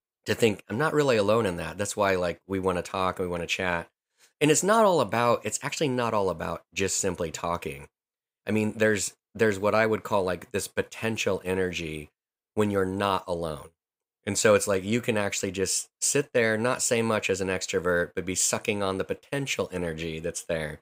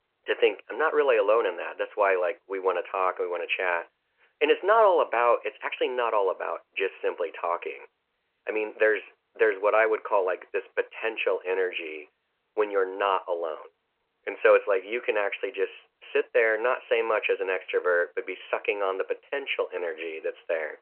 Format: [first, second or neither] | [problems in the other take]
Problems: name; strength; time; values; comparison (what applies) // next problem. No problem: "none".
first | phone-call audio